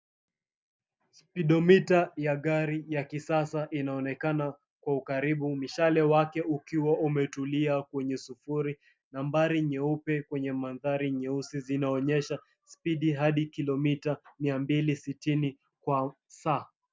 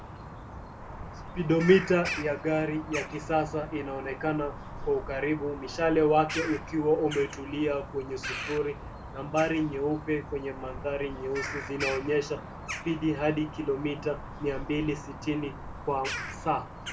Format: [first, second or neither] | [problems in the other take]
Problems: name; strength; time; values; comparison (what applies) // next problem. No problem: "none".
first | background sound (Bird vocalization, bird call, bird song); 10 dB below the speech // room echo; dies away in 0.2 s